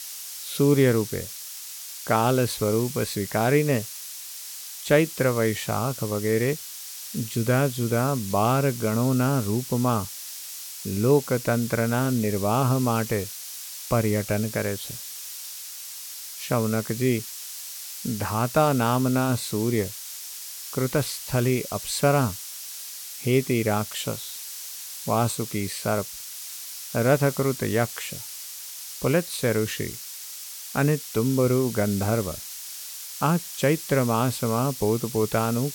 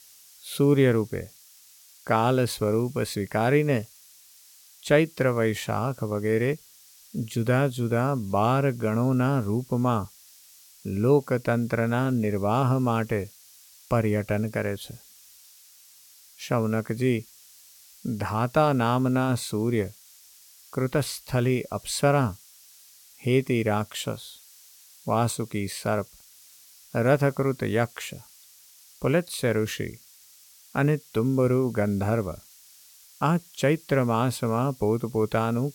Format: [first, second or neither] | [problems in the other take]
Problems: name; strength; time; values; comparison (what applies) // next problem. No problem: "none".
second | hiss; loud; throughout; 10 dB below the speech; faint in the second